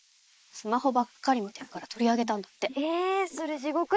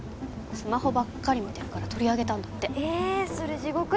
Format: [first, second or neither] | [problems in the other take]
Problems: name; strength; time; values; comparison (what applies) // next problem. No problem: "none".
second | noise reduction (neural mask model Resemble Enhance denoiser)